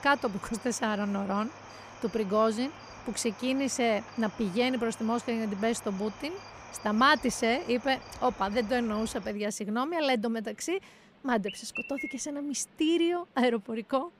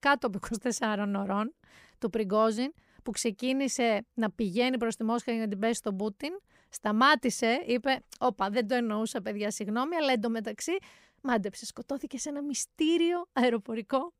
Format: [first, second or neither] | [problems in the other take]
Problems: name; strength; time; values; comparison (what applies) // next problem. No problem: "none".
second | animal sounds; noticeable; throughout; 15 dB below the speech